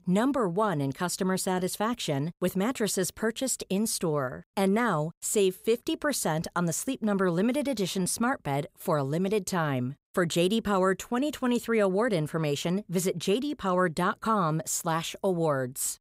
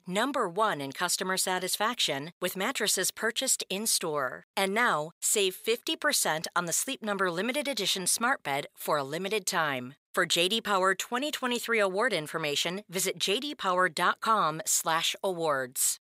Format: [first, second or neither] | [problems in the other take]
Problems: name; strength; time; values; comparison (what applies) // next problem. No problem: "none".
first | thin; somewhat; fading below 950 Hz